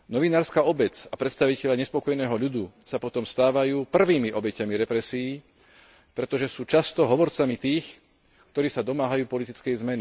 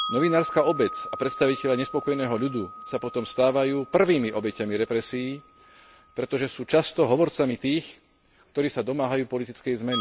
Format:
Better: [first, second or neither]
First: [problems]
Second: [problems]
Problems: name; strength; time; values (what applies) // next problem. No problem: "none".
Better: first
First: none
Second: background sound (Wind chime); 13 dB below the speech